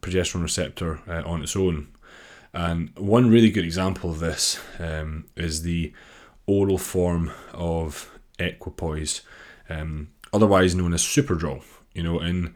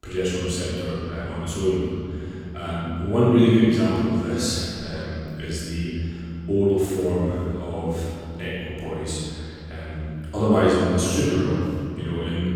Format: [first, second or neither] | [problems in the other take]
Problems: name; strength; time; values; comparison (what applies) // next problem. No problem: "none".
first | off-mic speech; far // room echo; strong; dies away in 2.6 s